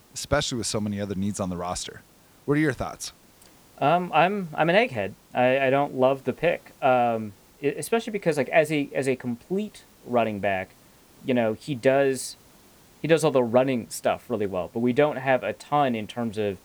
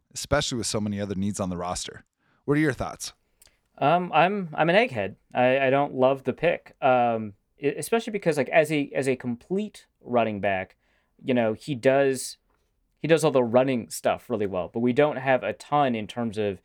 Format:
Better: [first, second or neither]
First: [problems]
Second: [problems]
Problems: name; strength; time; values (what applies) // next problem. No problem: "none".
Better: second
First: hiss; faint; throughout; 30 dB below the speech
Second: none